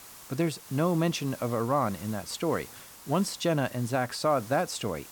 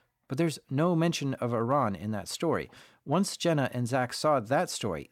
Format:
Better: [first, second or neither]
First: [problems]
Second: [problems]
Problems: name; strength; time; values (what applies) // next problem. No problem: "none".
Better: second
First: hiss; noticeable; throughout; 15 dB below the speech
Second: none